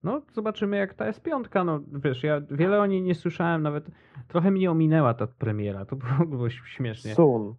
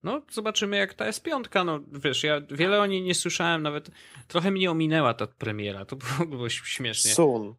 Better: second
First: muffled; very; fading above 1.5 kHz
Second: none

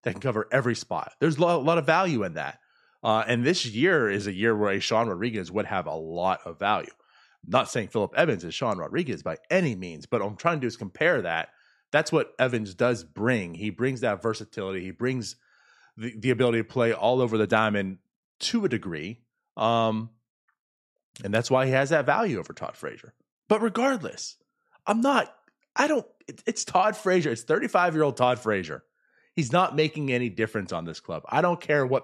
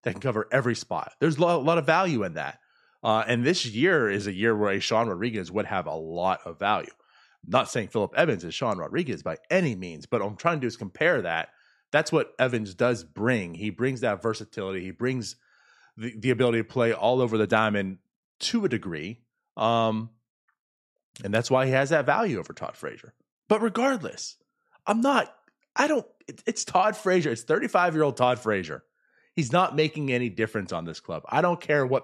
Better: neither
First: none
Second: none

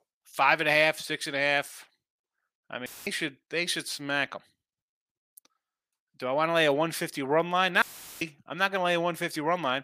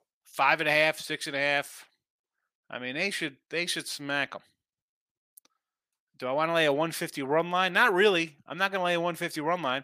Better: second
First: audio cutting out; filled with static; at 3 s and at 8 s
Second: none

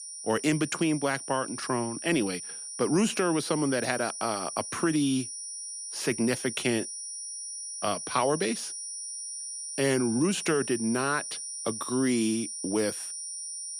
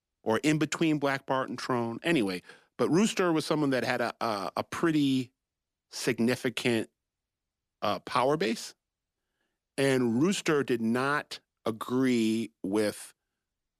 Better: second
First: high-pitched whine; loud; throughout; 9.5 kHz, 7 dB below the speech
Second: none

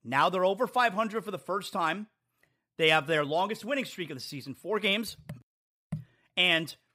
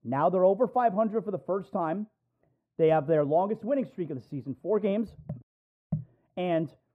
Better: first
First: none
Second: muffled; very; fading above 1.5 kHz

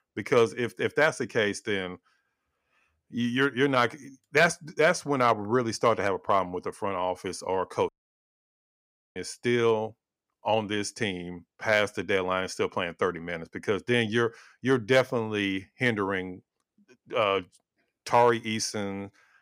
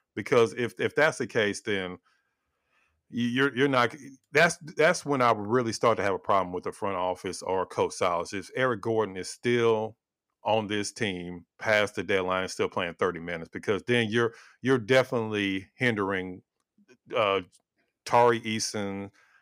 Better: second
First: audio cutting out; at 8 s for 1.5 s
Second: none

